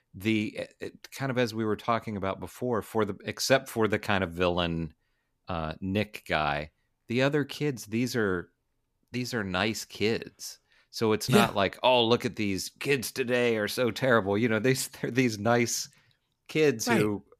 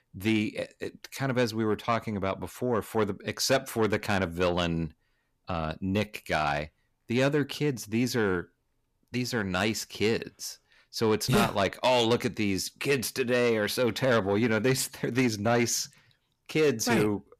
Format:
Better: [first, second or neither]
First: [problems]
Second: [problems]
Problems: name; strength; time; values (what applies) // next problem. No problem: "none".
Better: first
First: none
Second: distortion; slight; 10 dB below the speech